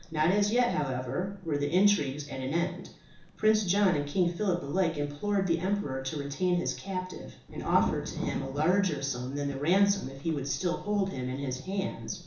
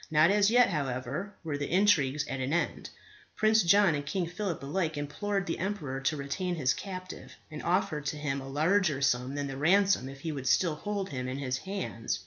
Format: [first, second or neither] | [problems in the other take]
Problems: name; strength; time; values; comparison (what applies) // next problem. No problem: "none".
second | background sound (Thunder); 15 dB below the speech // room echo; dies away in 0.7 s